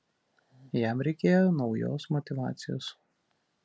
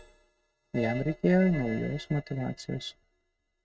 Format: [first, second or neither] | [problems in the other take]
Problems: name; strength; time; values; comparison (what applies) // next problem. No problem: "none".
first | noise reduction (neural mask model RNNoise)